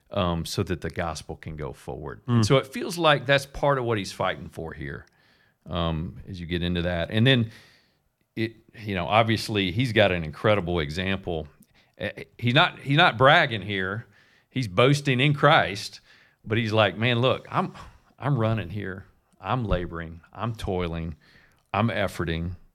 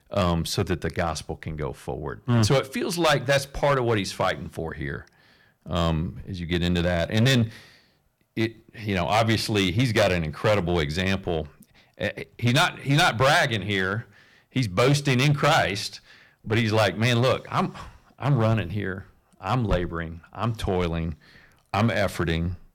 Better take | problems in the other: first | distortion; heavy; 5% of the sound clipped

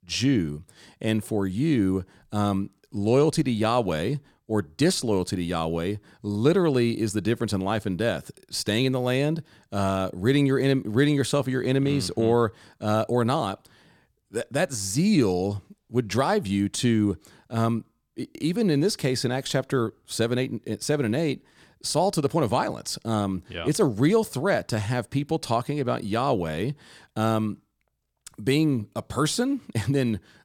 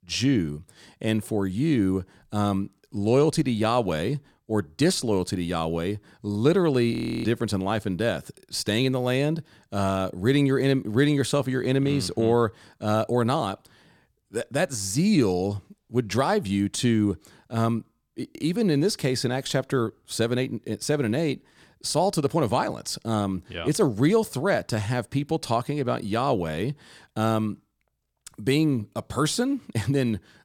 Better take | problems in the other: first | audio freezing; at 7 s

